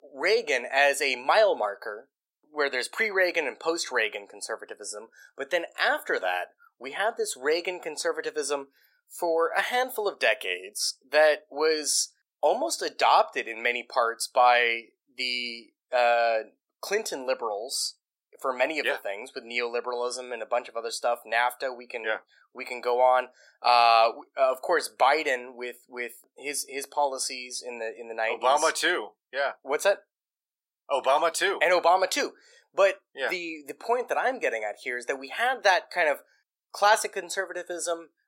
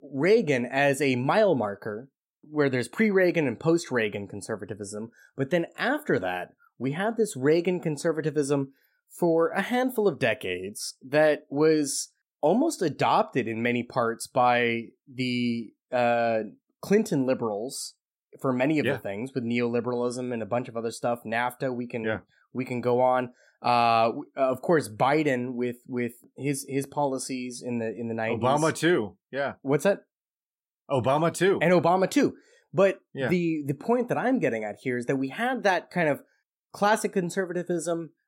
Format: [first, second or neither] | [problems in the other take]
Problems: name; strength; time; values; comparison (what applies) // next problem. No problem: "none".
second | thin; very; fading below 550 Hz